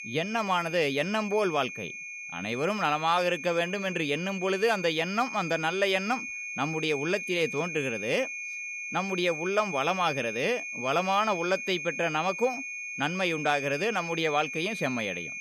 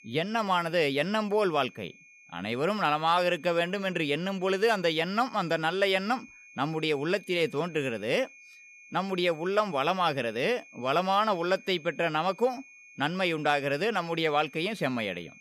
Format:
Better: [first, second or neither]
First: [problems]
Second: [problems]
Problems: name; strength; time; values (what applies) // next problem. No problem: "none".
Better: second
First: high-pitched whine; loud; throughout; 2.5 kHz, 7 dB below the speech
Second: high-pitched whine; faint; throughout; 2.5 kHz, 25 dB below the speech